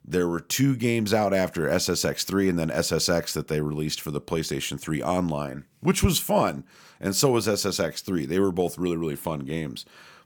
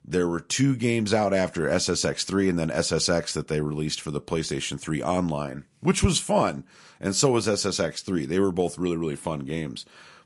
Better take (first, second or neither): first